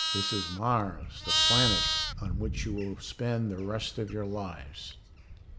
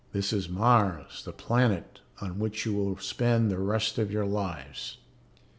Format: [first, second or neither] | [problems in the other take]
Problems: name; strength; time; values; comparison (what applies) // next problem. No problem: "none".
second | background sound (Livestock, farm animals, working animals); 1 dB above the speech